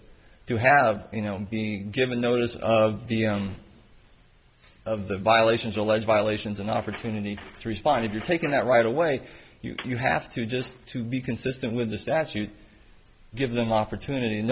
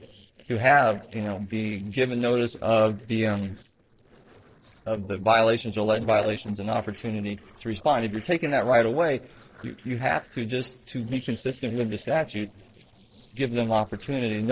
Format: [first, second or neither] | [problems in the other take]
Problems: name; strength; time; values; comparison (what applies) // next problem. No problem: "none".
first | noise reduction (neural separator model SepFormer DNS4)